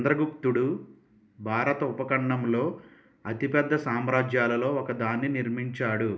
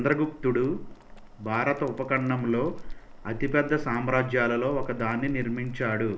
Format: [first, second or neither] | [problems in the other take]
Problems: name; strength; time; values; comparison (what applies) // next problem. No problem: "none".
first | background sound (Boiling); 11 dB below the speech